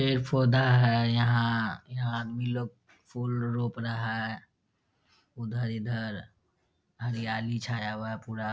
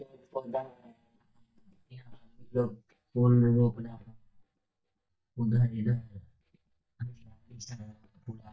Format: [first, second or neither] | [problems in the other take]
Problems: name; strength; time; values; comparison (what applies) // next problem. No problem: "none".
first | noise reduction (neural mask model DeepFilterNet 3)